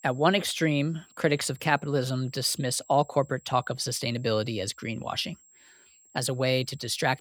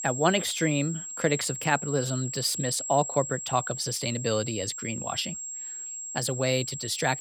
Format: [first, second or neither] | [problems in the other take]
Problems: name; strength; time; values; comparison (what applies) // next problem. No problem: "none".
first | high-pitched whine; loud; throughout; 7.5 kHz, 6 dB below the speech; faint in the first